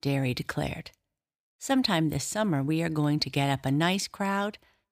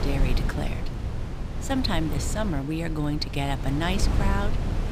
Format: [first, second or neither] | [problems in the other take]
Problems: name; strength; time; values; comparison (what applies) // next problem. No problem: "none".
first | wind noise on the microphone; heavy; 7 dB below the speech